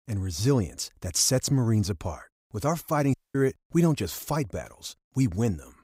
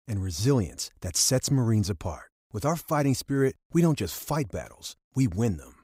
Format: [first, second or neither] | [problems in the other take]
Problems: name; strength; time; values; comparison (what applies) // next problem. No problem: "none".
second | audio cutting out; at 3 s